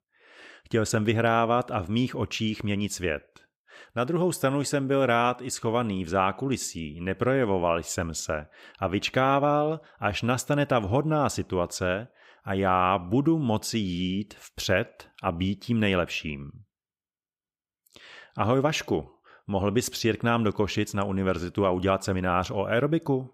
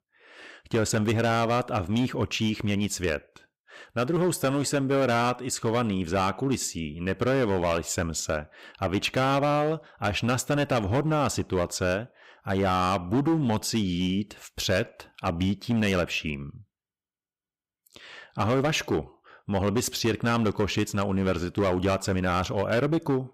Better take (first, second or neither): first